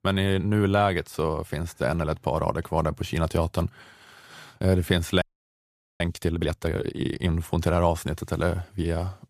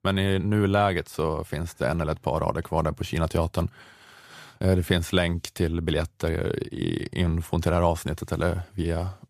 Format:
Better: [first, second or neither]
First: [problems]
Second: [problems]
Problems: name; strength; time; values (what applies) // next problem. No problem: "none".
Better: second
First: audio freezing; at 5 s for 1 s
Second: none